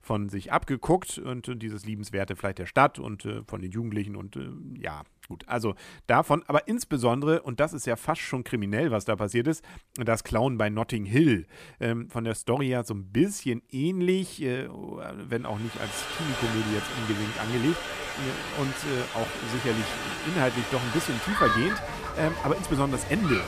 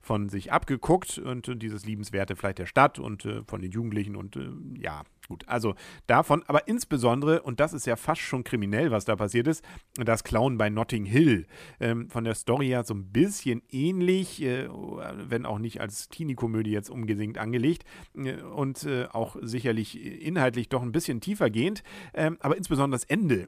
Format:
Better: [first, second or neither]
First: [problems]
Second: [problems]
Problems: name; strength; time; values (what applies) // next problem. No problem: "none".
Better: second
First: crowd noise; loud; from 16 s on; 3 dB below the speech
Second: none